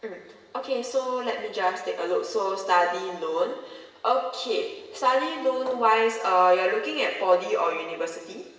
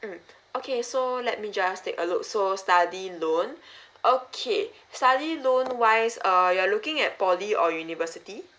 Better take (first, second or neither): second